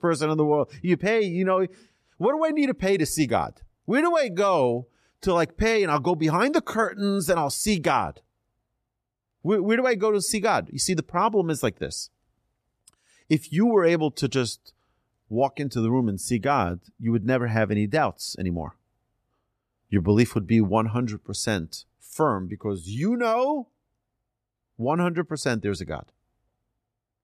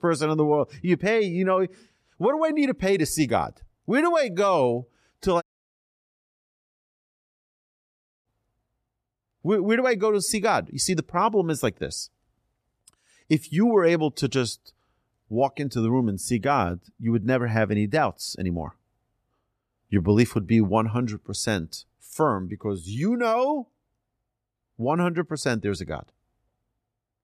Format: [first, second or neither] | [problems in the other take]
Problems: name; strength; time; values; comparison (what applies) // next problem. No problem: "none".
first | audio cutting out; at 5.5 s for 3 s